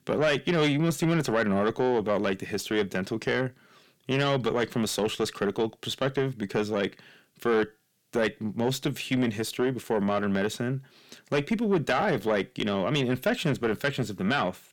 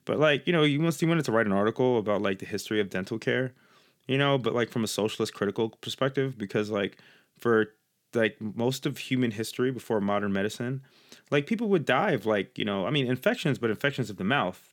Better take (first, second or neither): second